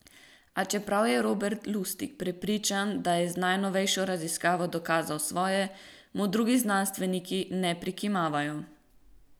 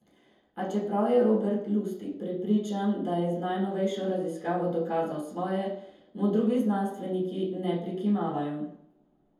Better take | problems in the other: first | room echo; dies away in 0.7 s

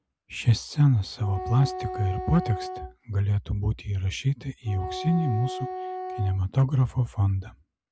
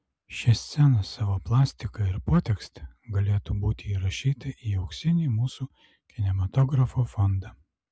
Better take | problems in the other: second | background sound (Wind instrument, woodwind instrument); 10 dB below the speech

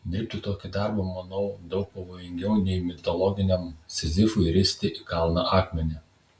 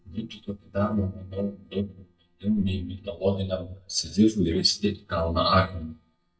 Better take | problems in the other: first | noise reduction (neural mask model DeepFilterNet 3)

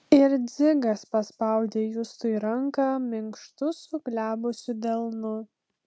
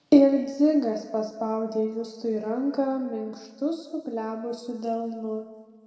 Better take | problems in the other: first | room echo; dies away in 1.8 s

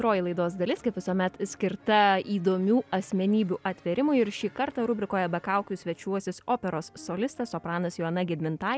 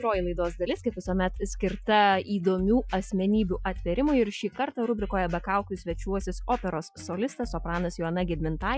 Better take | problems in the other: first | noise reduction (classical method Wiener filter)

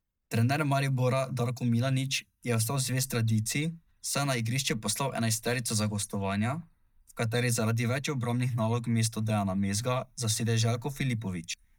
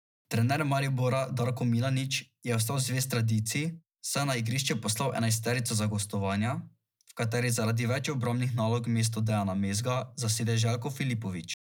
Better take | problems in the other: second | noise reduction (neural mask model DeepFilterNet 3)

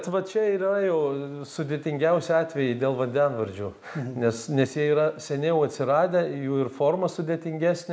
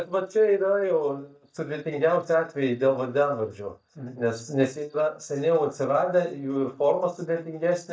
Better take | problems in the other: first | noise reduction (neural mask model DeepFilterNet 3)

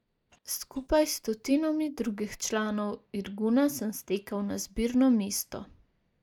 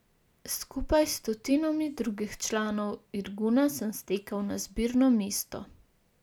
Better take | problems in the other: second | noise reduction (neural mask model DeepFilterNet 3)

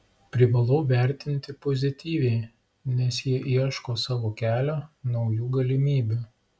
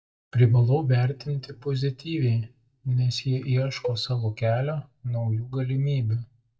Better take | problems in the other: first | noise reduction (neural mask model DeepFilterNet 3)

